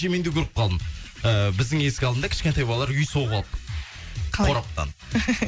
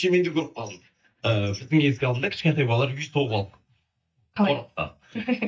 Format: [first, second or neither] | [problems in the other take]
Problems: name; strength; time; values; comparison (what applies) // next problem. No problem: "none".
first | noise reduction (neural mask model DeepFilterNet 3)